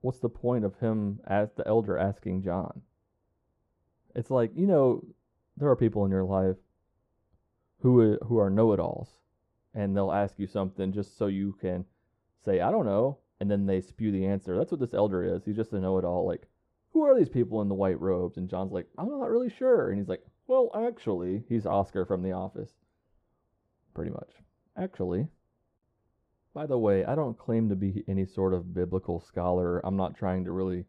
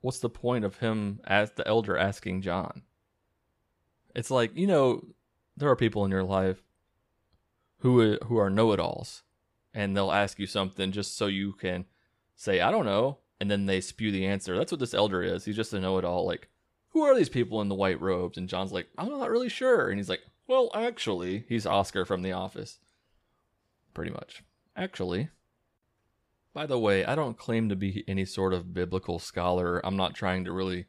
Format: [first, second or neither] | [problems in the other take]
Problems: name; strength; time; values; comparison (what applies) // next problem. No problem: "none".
second | muffled; very; fading above 1.5 kHz